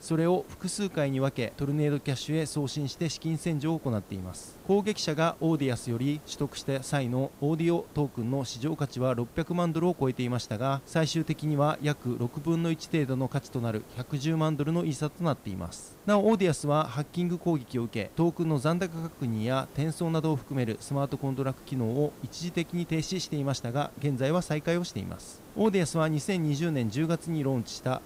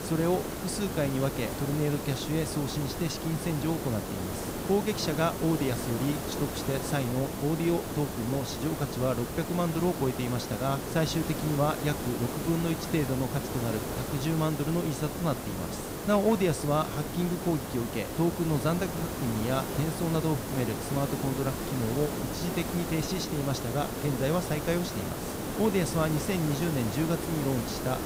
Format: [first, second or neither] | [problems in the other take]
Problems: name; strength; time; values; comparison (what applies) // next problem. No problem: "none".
first | hiss; loud; throughout; 4 dB below the speech; faint in the first